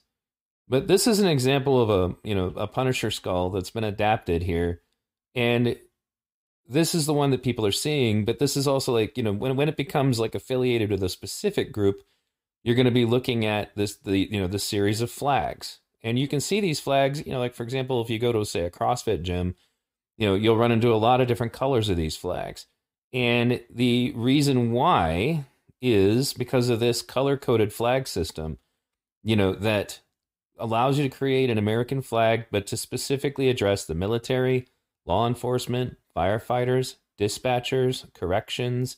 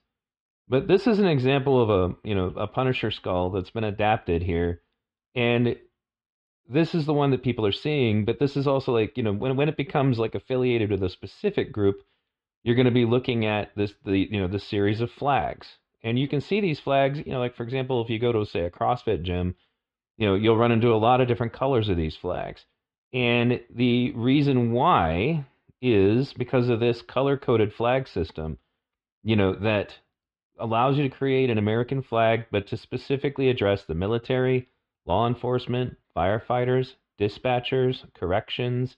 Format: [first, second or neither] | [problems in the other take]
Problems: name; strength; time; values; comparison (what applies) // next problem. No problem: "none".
first | muffled; slightly; fading above 3 kHz